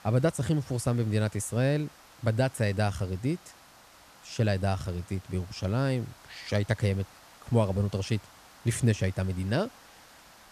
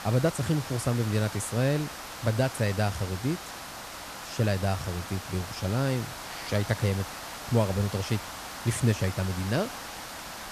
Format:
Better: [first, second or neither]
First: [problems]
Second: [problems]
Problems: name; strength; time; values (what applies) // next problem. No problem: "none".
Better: first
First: hiss; faint; throughout; 25 dB below the speech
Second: hiss; loud; throughout; 9 dB below the speech